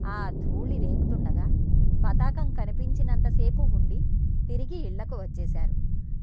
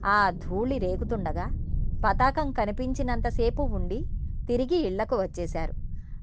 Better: second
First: low rumble; loud; throughout; as loud as the speech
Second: low rumble; faint; throughout; 20 dB below the speech

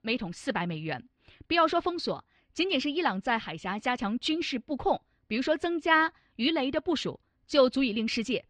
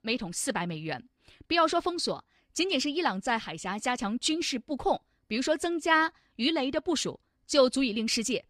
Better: second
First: muffled; very slightly; fading above 3 kHz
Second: none

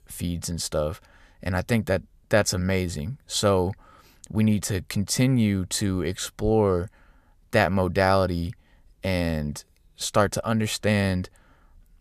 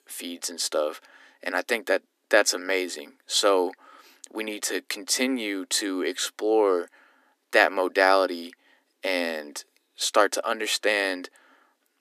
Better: first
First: none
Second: thin; somewhat; fading below 250 Hz

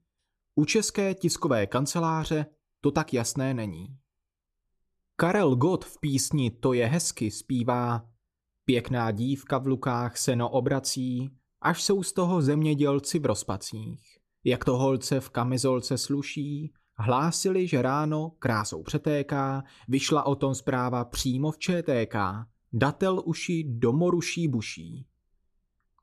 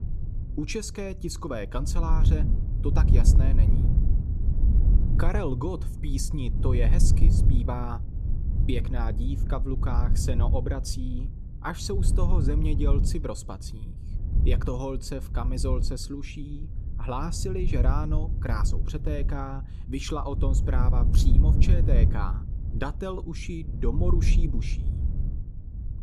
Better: first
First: none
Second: wind noise on the microphone; heavy; 7 dB below the speech

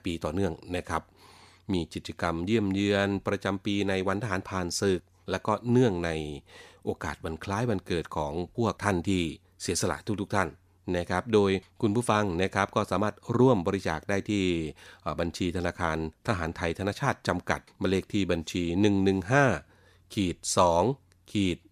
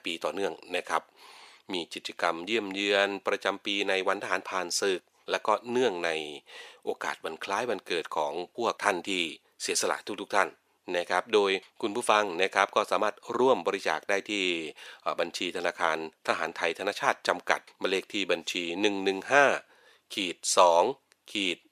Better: first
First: none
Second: thin; somewhat; fading below 500 Hz

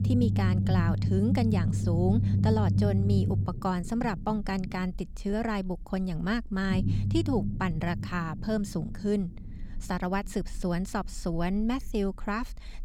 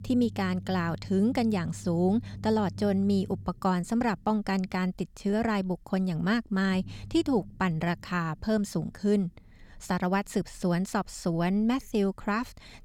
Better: second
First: low rumble; loud; throughout; 7 dB below the speech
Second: low rumble; faint; throughout; 25 dB below the speech

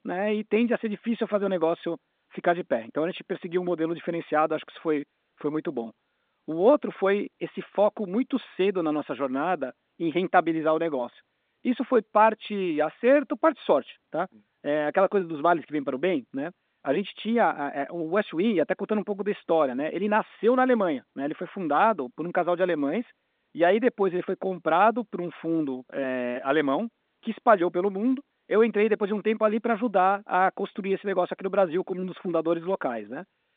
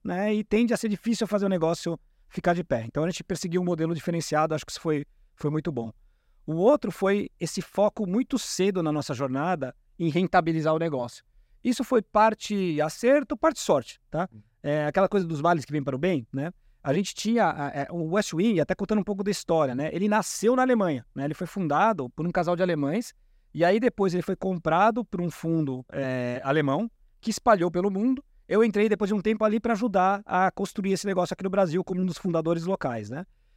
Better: second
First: phone-call audio; nothing above 3.5 kHz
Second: none

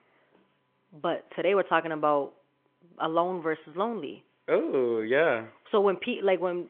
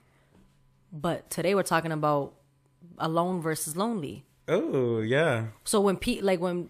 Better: second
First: phone-call audio; nothing above 3.5 kHz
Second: none

